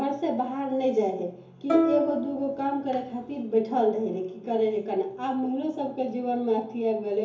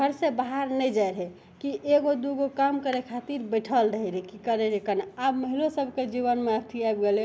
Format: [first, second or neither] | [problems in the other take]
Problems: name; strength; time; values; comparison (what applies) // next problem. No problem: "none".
second | background sound (Plucked string instrument); 1 dB below the speech // room echo; dies away in 0.7 s